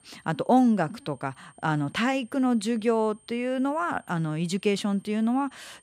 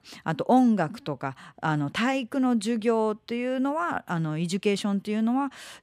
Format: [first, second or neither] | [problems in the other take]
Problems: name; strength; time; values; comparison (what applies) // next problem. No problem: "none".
second | high-pitched whine; faint; throughout; 8.5 kHz, 30 dB below the speech